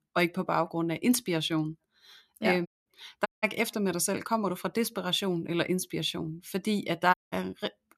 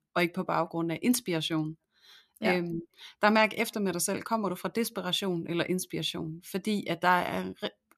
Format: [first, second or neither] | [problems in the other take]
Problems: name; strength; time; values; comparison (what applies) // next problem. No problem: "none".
second | audio cutting out; at 2.5 s, at 3.5 s and at 7 s